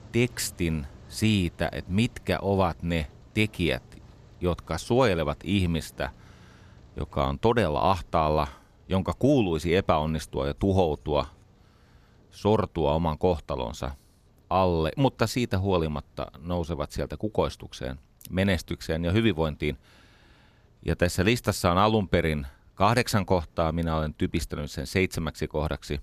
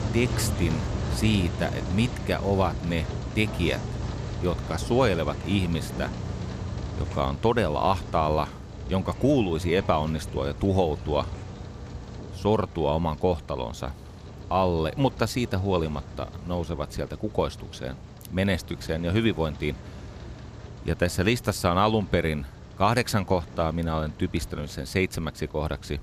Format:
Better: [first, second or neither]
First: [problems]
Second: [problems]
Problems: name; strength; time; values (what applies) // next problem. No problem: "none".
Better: first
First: rain or running water; faint; throughout; 30 dB below the speech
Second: rain or running water; loud; throughout; 9 dB below the speech